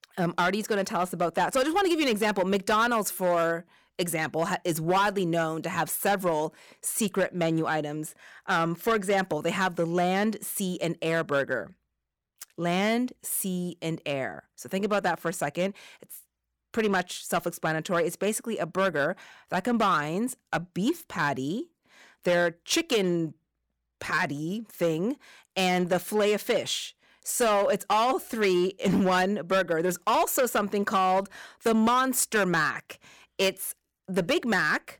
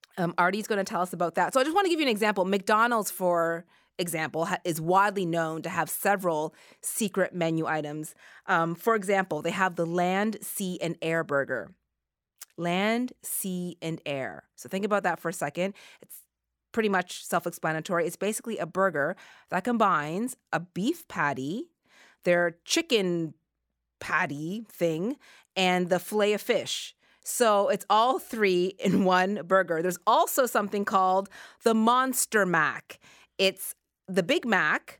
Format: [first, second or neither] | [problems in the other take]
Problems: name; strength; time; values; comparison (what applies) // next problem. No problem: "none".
second | distortion; slight; 6% of the sound clipped